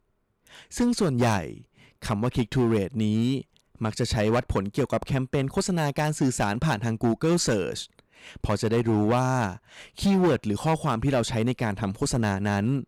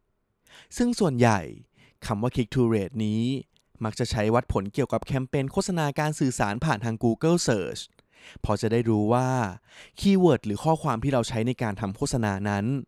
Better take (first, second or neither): second